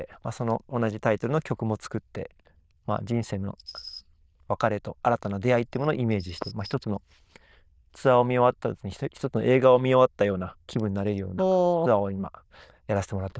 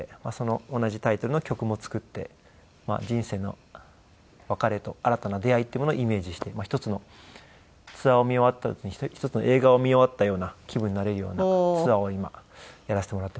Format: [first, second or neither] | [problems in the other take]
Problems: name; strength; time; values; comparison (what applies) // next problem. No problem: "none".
second | noise reduction (neural diffusion model UNIVERSE++)